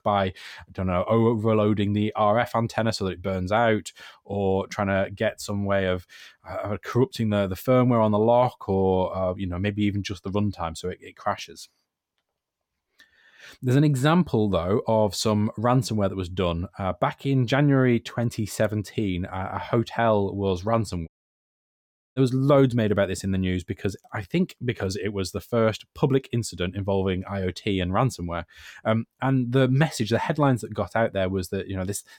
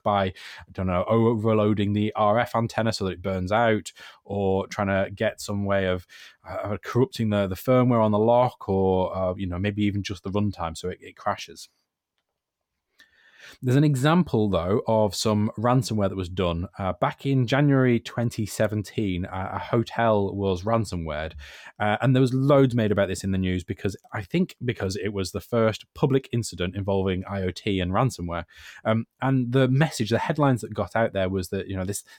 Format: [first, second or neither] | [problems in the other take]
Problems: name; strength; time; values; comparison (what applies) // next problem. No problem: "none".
second | audio cutting out; at 21 s for 1 s